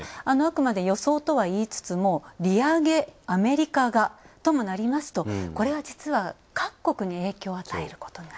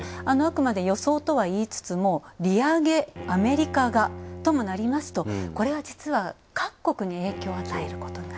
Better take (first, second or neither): first